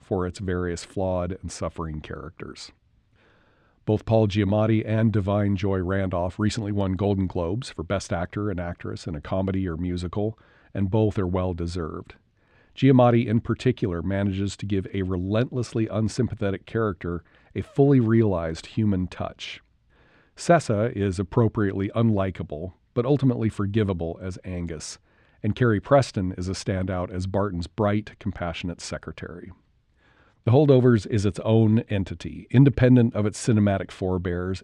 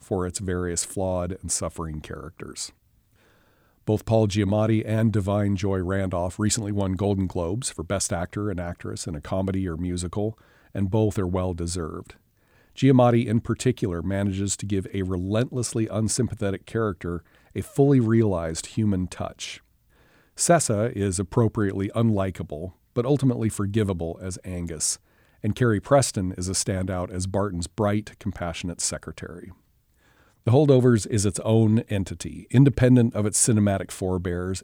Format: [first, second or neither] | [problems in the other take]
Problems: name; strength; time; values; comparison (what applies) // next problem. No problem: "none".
second | muffled; slightly; fading above 3.5 kHz